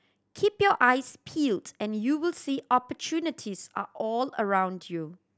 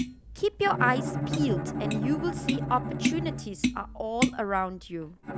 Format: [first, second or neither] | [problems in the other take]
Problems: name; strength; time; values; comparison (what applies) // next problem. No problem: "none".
first | background sound (Tap + Bowed string instrument); 1 dB below the speech